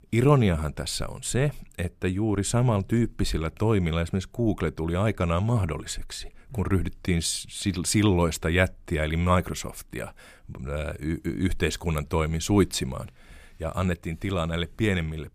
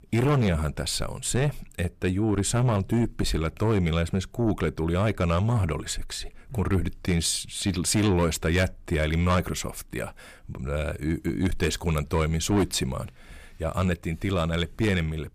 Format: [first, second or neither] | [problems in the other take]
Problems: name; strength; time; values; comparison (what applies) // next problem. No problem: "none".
first | distortion; slight; 10 dB below the speech